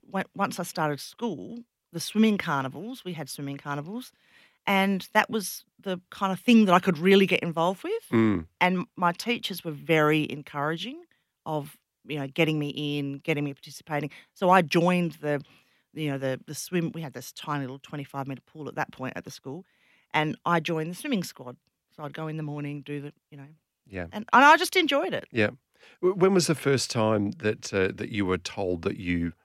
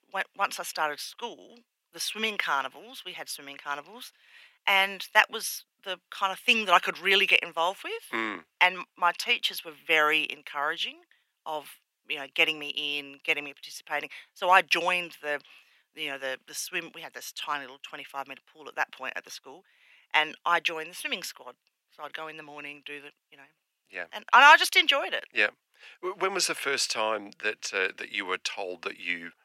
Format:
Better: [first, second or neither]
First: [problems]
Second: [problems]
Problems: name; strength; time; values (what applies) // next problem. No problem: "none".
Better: first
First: none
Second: thin; very; fading below 700 Hz